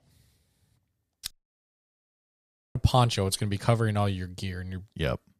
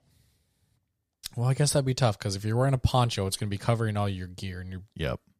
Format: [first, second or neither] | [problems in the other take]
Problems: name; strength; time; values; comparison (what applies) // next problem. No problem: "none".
second | audio cutting out; at 1.5 s for 1.5 s